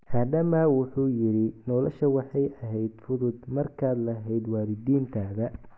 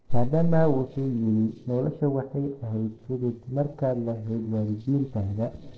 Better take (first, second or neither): first